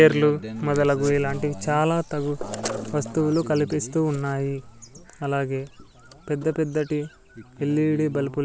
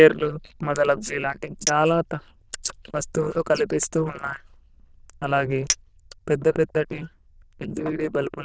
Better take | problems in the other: first | noise reduction (neural diffusion model UNIVERSE++)

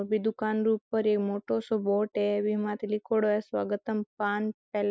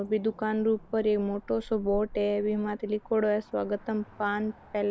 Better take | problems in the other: first | background sound (Cricket / Motor vehicle (road)); 19 dB below the speech

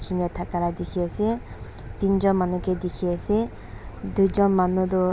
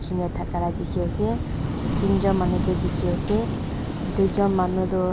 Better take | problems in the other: first | background sound (Waves, surf / Wind); 2 dB below the speech

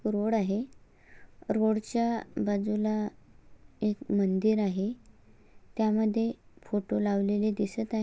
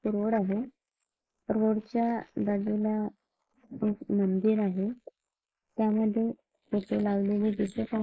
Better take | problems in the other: first | noise reduction (neural mask model Resemble Enhance denoiser)

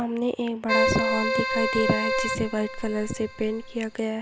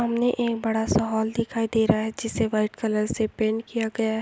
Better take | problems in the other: second | background sound (Keyboard (musical)); as loud as the speech

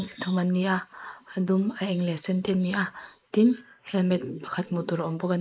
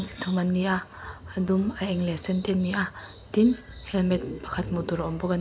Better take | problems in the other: second | noise reduction (neural mask model Resemble Enhance denoiser)

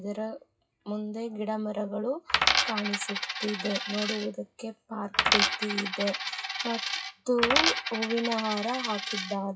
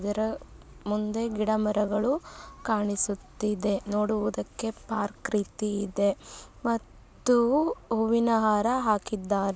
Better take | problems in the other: second | noise reduction (classical method WPE with log-MMSE)

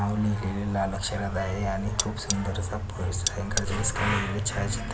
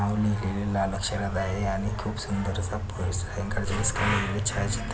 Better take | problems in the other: second | background sound (Cutlery, silverware); 6 dB below the speech

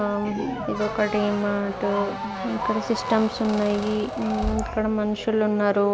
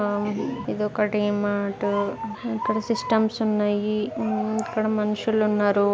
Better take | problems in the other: second | background sound (Squeak); 10 dB below the speech

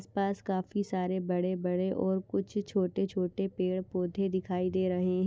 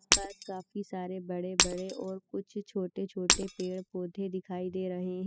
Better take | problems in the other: first | noise reduction (classical method spectral subtraction)

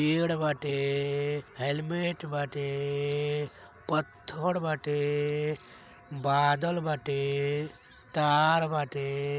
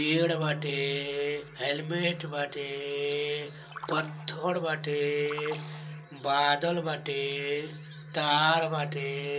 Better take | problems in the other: first | background sound (Splash, splatter); 15 dB below the speech // room echo; dies away in 0.2 s

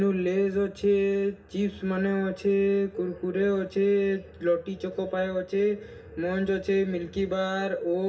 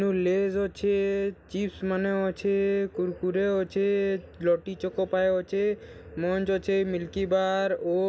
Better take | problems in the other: second | room echo; dies away in 0.6 s

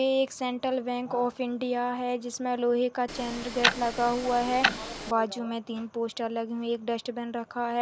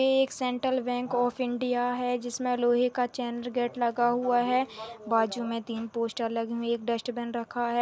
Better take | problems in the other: second | background sound (Tick-tock); 2 dB below the speech

